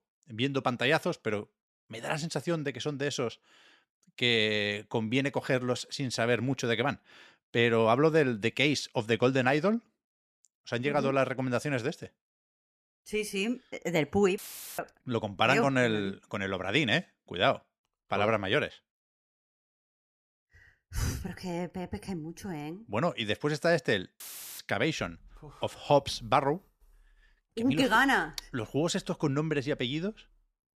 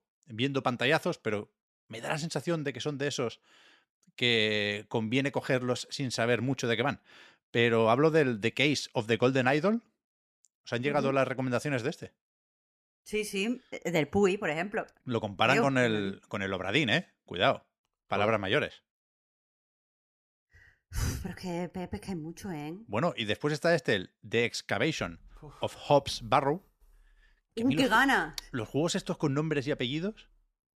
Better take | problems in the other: second | audio cutting out; filled with static; at 14 s and at 24 s

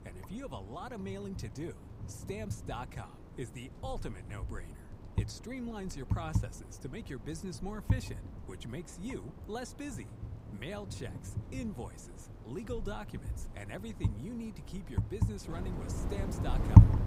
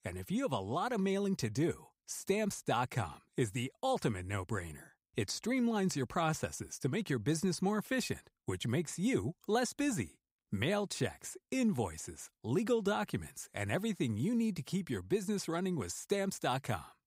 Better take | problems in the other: second | wind noise on the microphone; heavy; 2 dB below the speech

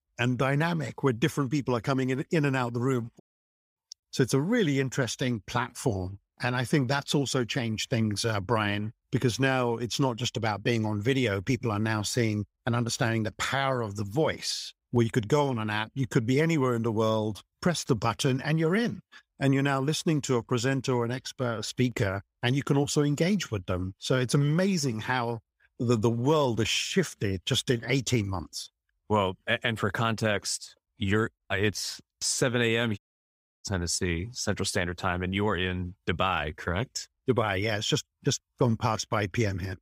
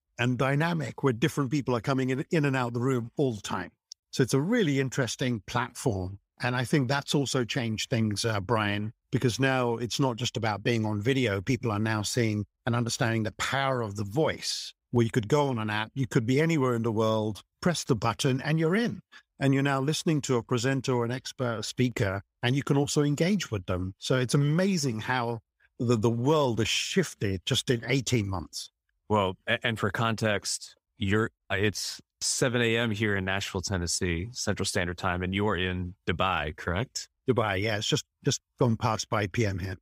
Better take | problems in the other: second | audio cutting out; at 3 s for 0.5 s and at 33 s for 0.5 s

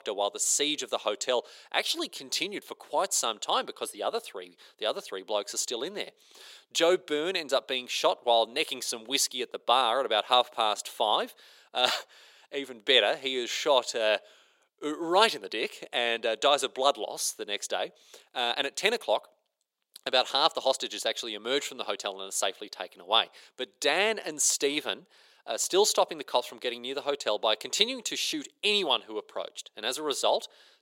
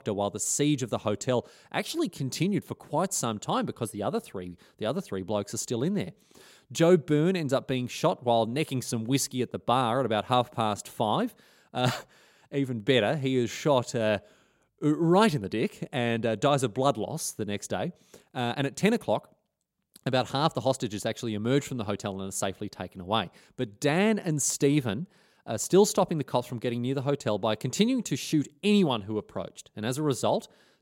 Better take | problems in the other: second | thin; very; fading below 450 Hz

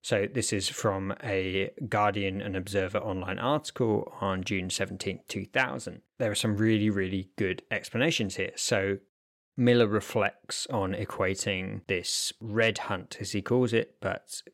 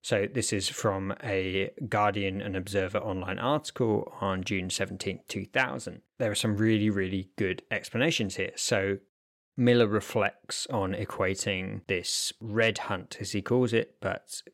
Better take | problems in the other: neither | none

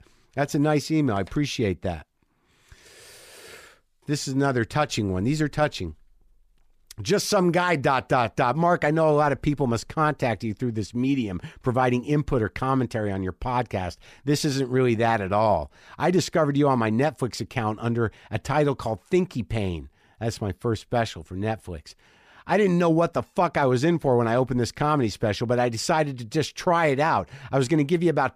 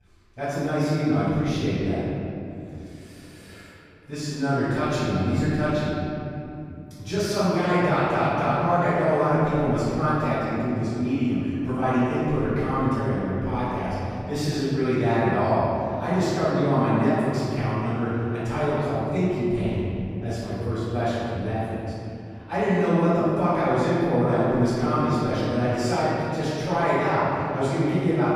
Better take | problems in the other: first | room echo; strong; dies away in 2.9 s // off-mic speech; far

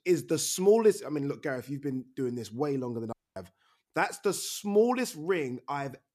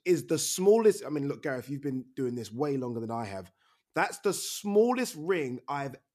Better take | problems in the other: second | audio cutting out; at 3 s

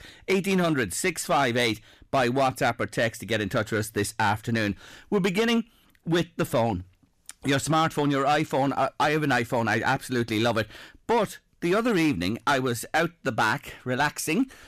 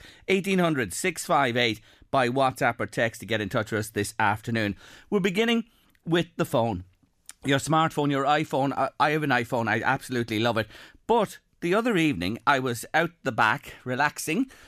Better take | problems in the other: second | distortion; slight; 6% of the sound clipped

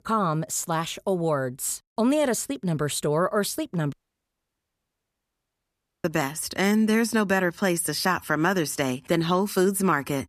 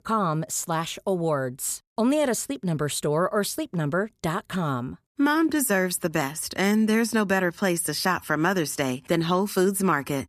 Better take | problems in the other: second | audio cutting out; at 4 s for 2 s

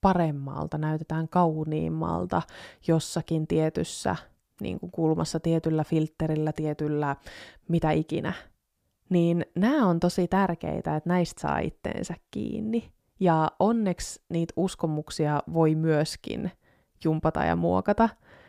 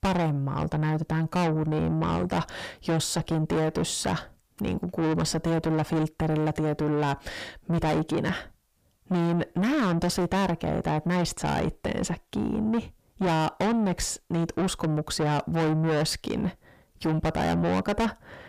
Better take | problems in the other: first | distortion; heavy; 5 dB below the speech

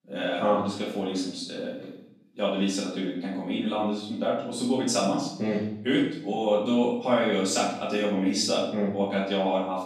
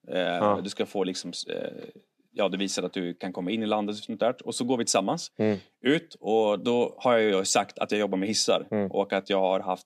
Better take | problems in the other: second | off-mic speech; far // room echo; noticeable; dies away in 0.6 s

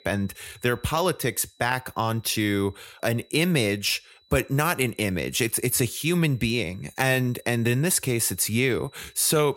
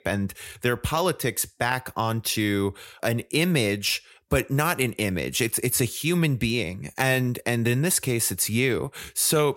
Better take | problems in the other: second | high-pitched whine; faint; throughout; 4 kHz, 30 dB below the speech

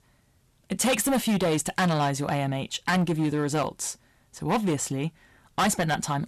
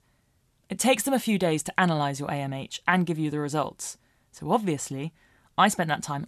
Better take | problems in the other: second | distortion; heavy; 11% of the sound clipped

